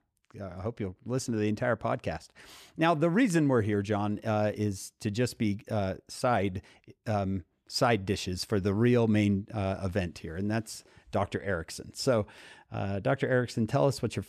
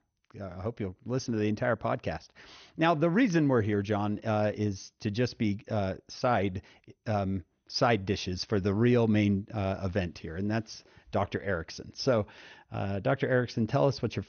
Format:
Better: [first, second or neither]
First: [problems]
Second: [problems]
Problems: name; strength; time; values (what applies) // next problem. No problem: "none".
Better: first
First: none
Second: garbled, watery; slightly; nothing above 6.5 kHz